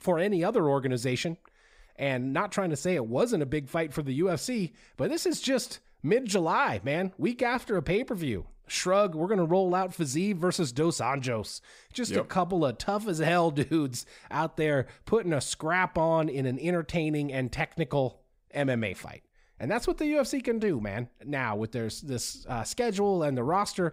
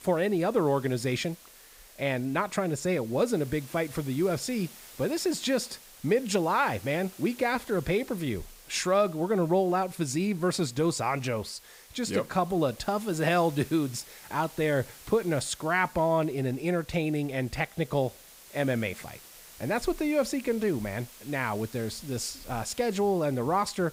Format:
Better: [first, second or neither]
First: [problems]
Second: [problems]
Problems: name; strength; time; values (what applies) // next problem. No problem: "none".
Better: first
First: none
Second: hiss; noticeable; throughout; 20 dB below the speech